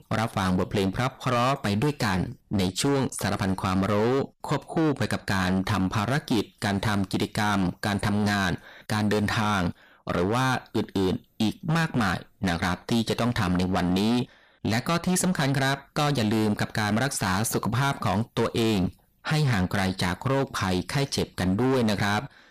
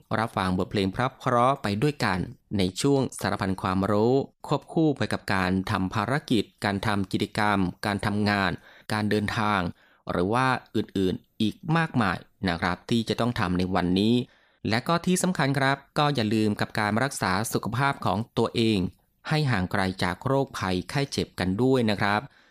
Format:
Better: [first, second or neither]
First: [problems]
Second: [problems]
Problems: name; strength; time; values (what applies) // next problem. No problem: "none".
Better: second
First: distortion; heavy; 18% of the sound clipped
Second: none